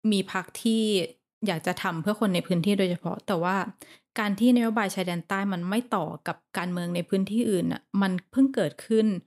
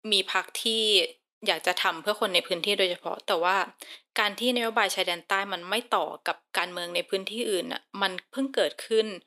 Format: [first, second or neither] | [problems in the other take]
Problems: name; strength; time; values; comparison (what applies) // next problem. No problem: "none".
first | thin; very; fading below 400 Hz